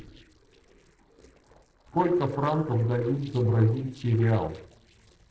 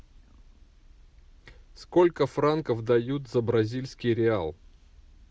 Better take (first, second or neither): second